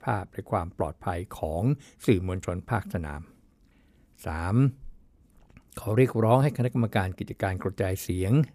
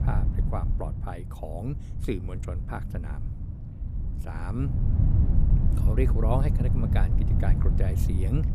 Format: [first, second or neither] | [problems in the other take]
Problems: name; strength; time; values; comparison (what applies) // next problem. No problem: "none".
first | wind noise on the microphone; heavy; 4 dB below the speech